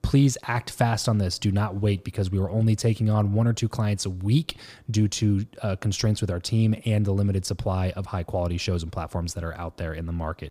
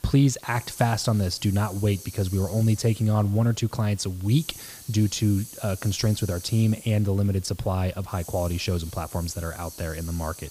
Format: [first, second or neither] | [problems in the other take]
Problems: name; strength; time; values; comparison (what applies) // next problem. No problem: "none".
first | hiss; noticeable; throughout; 15 dB below the speech